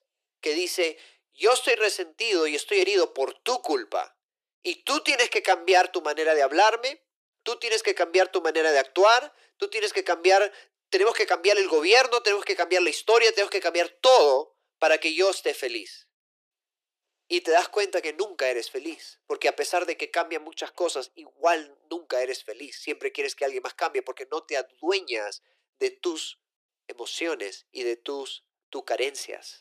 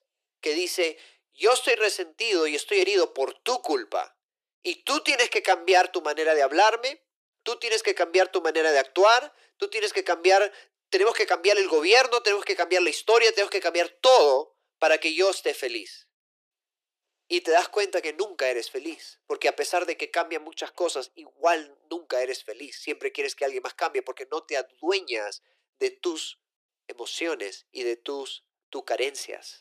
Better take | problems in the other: neither | thin; very; fading below 350 Hz; the same in both

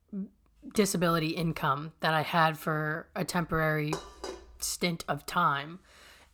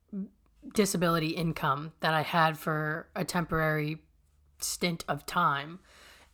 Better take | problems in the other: second | clattering dishes; noticeable; at 4 s; peak 10 dB below the speech

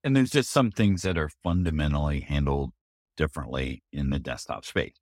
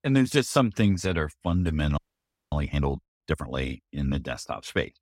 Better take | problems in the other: first | audio freezing; at 2 s for 0.5 s

